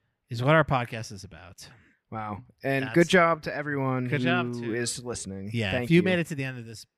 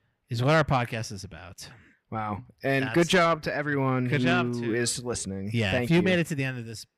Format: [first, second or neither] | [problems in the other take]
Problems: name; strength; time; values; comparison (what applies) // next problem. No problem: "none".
first | distortion; slight; 10 dB below the speech